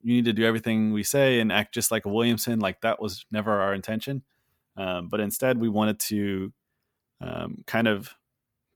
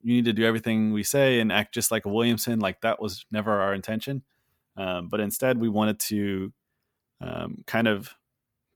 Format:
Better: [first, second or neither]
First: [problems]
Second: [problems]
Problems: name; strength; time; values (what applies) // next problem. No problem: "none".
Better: neither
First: none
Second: none